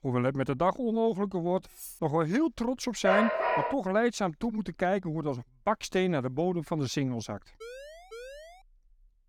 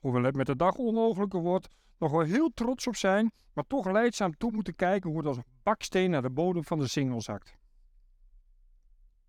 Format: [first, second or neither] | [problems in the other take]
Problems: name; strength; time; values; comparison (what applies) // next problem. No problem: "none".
second | clattering dishes; faint; at 1.5 s; peak 15 dB below the speech // dog barking; loud; at 3 s; peak 3 dB above the speech // siren; faint; from 7.5 to 8.5 s; peak 15 dB below the speech